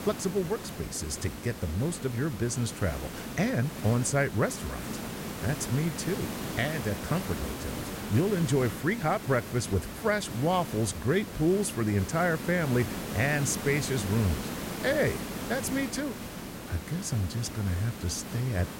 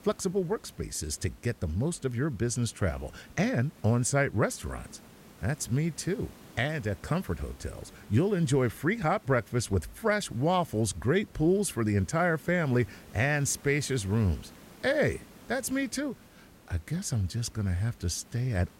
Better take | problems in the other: second | hiss; loud; throughout; 8 dB below the speech; faint in the second

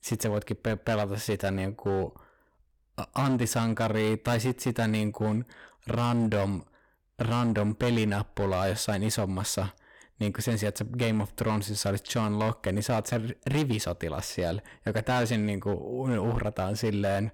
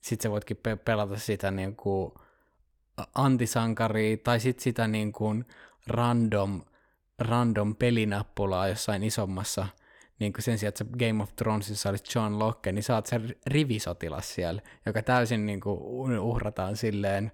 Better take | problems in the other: second | distortion; slight; 11% of the sound clipped

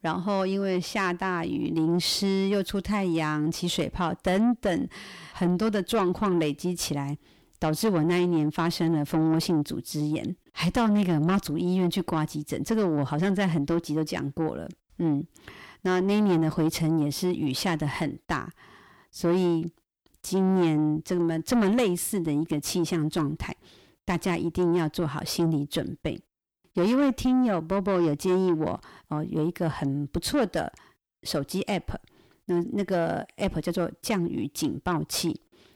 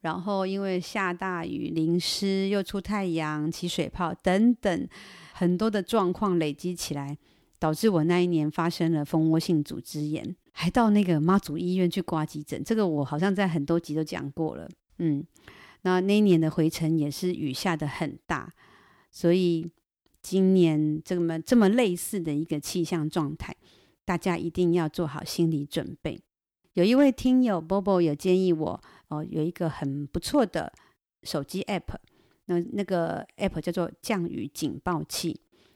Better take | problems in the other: second | distortion; slight; 10 dB below the speech

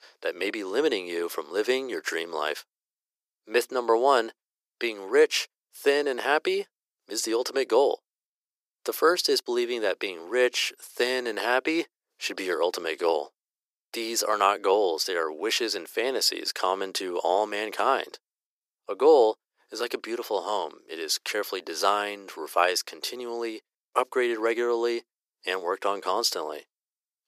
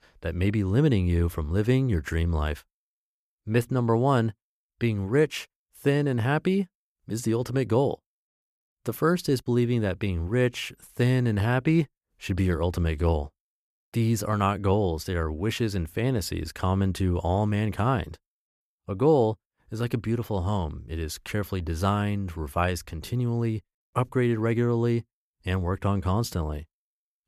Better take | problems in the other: second | thin; very; fading below 400 Hz

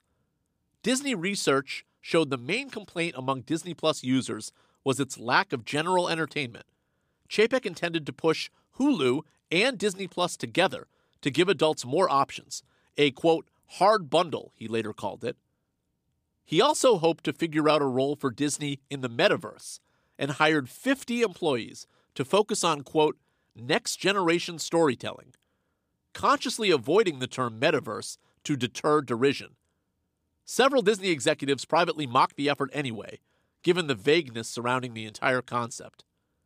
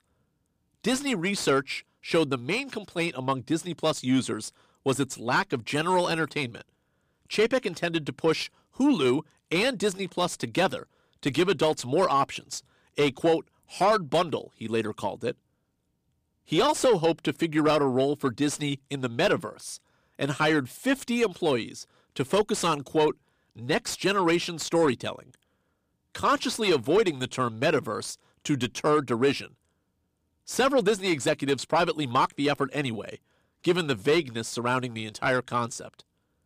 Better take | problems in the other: first | distortion; slight; 10 dB below the speech

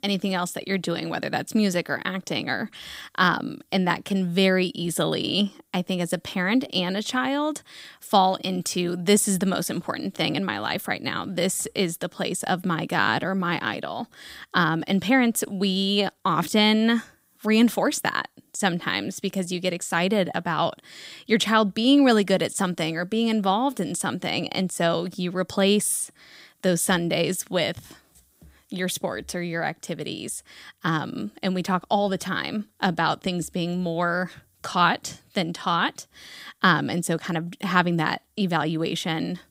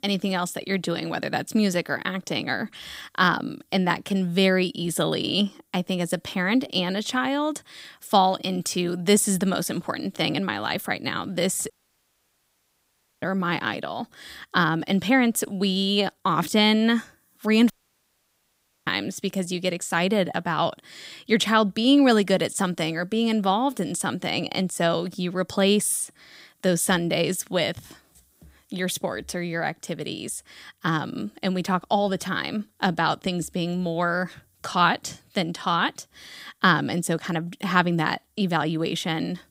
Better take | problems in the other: first | audio cutting out; at 12 s for 1.5 s and at 18 s for 1 s

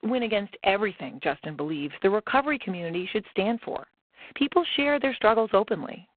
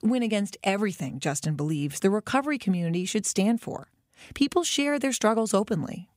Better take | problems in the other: second | phone-call audio; poor line

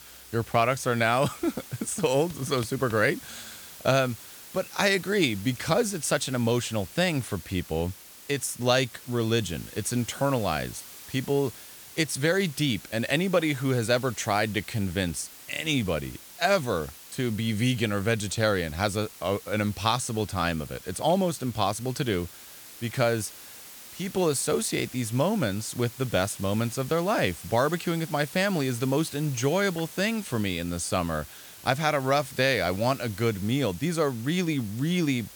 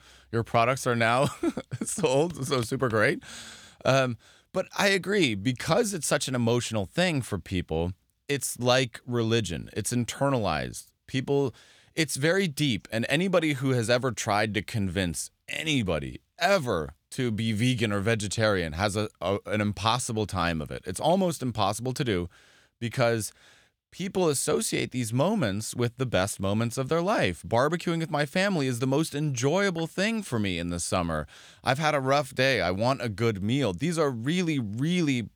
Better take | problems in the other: second | hiss; noticeable; throughout; 15 dB below the speech

